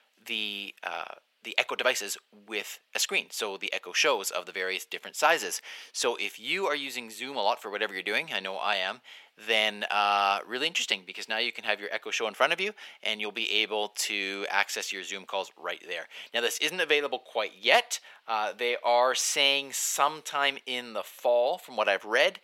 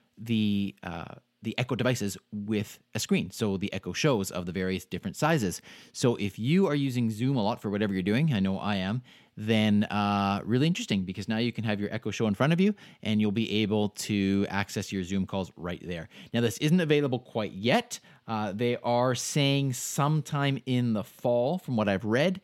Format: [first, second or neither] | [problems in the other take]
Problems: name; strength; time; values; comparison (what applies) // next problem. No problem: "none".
second | thin; very; fading below 550 Hz